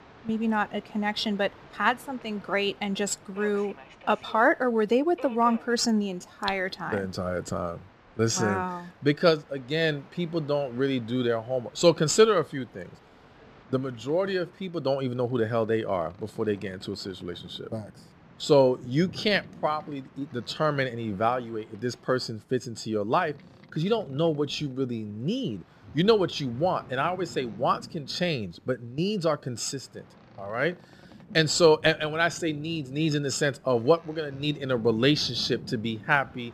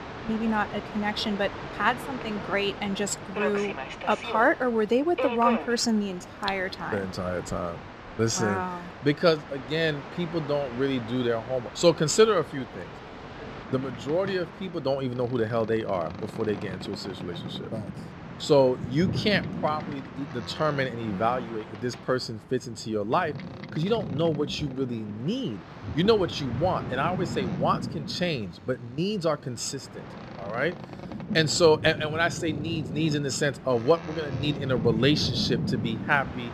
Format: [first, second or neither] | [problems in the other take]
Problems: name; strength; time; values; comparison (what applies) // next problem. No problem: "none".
first | train or aircraft noise; loud; throughout; 9 dB below the speech; faint in the first